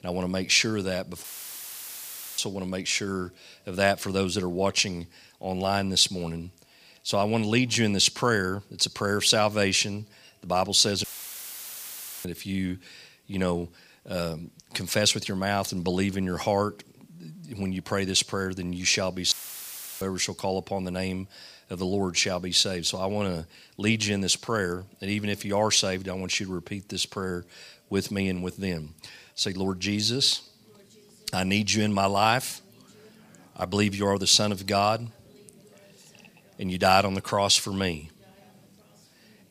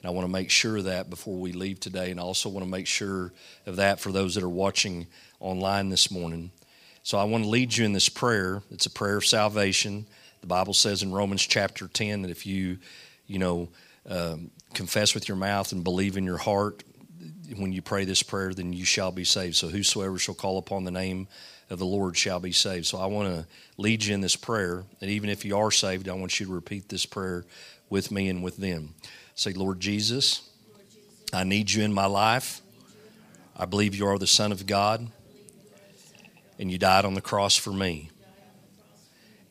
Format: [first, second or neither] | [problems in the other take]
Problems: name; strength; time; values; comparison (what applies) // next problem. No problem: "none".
second | audio cutting out; filled with static; at 1 s for 1 s, at 11 s for 1 s and at 19 s for 0.5 s